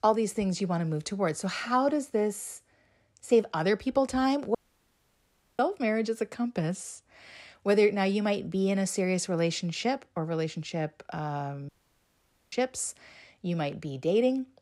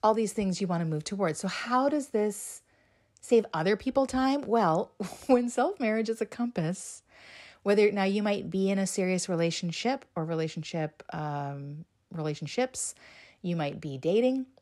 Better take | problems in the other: second | audio cutting out; at 4.5 s for 1 s and at 12 s for 1 s

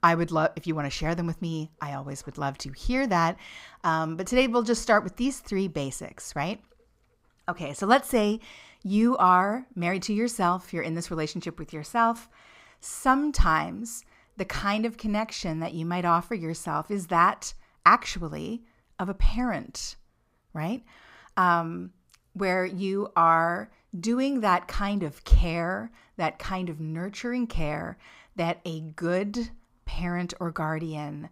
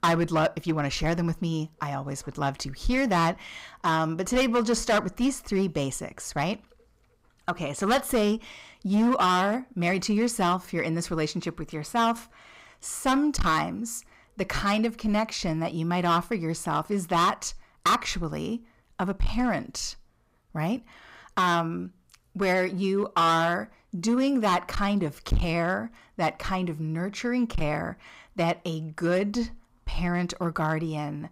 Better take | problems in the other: first | distortion; heavy; 6% of the sound clipped

